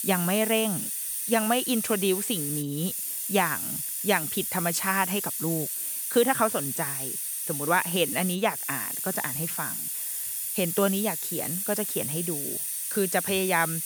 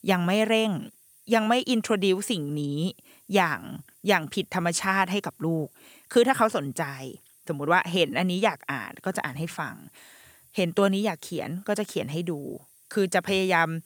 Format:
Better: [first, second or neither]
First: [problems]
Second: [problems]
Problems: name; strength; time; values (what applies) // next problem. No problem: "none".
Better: second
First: hiss; loud; throughout; 1 dB below the speech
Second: hiss; faint; throughout; 30 dB below the speech